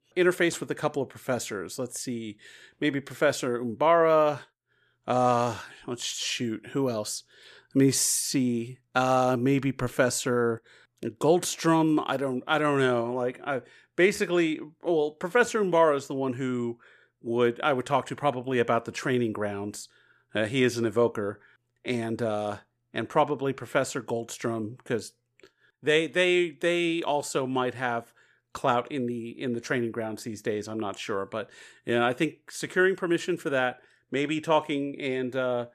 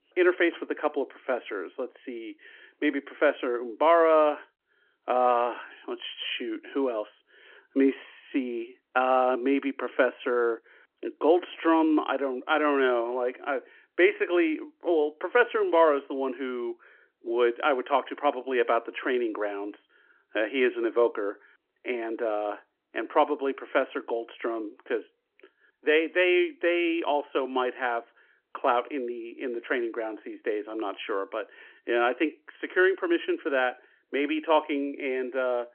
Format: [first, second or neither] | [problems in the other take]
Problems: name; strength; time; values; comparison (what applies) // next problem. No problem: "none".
first | phone-call audio; nothing above 3 kHz